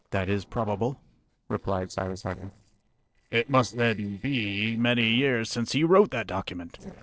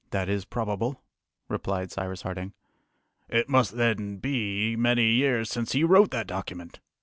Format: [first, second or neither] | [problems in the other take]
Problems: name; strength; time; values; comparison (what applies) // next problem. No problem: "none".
second | noise reduction (neural separator model SepFormer DNS4)